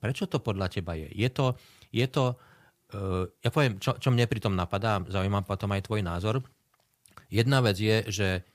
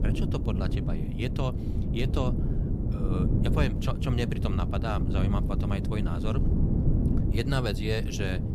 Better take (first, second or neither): first